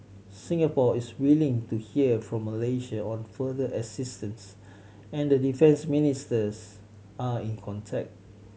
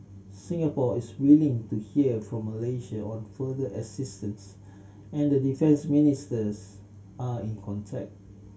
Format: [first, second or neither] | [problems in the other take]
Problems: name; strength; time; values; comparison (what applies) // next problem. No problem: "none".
first | room echo; dies away in 0.2 s